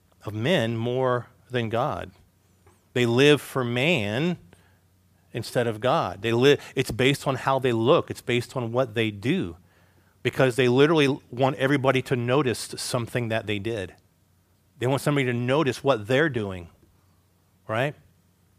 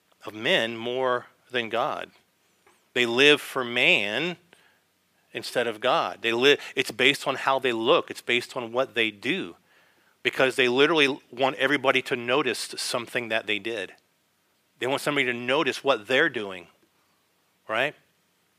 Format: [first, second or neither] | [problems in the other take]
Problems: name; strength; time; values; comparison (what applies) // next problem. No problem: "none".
first | thin; somewhat; fading below 300 Hz